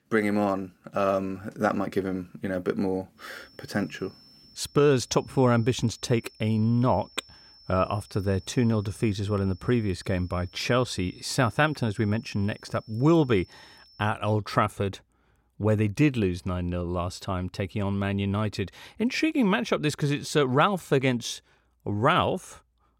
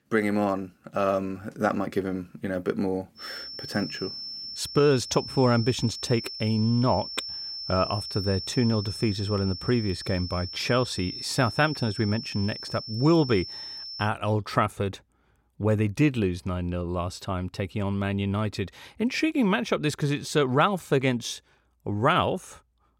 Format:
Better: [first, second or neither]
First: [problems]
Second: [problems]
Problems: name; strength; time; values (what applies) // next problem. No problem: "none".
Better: first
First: high-pitched whine; faint; from 3 to 14 s; 5.5 kHz, 25 dB below the speech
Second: high-pitched whine; loud; from 3 to 14 s; 5.5 kHz, 8 dB below the speech